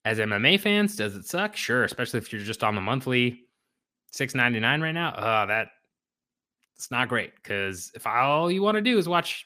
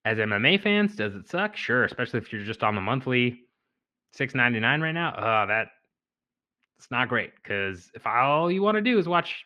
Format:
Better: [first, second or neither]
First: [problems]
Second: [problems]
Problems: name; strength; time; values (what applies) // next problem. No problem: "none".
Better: first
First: none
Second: muffled; slightly; fading above 2.5 kHz